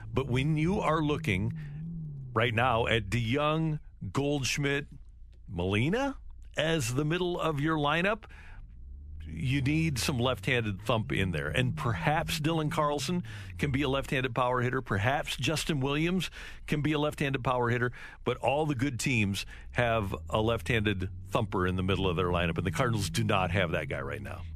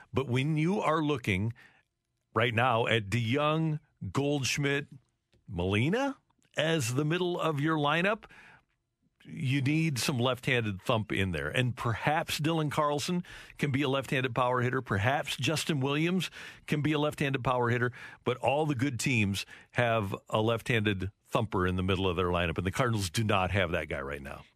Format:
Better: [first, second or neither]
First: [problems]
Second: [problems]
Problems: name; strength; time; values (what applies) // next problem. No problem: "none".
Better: second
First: low rumble; faint; throughout; 20 dB below the speech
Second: none